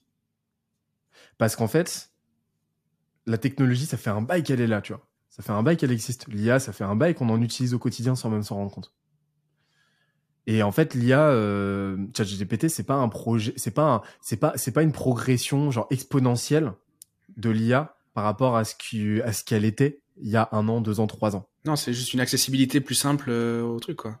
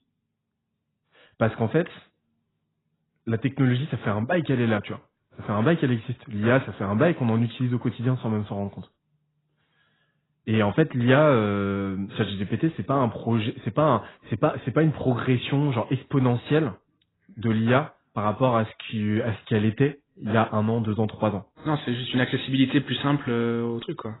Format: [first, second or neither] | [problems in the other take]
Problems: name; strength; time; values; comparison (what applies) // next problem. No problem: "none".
first | garbled, watery; badly; nothing above 4 kHz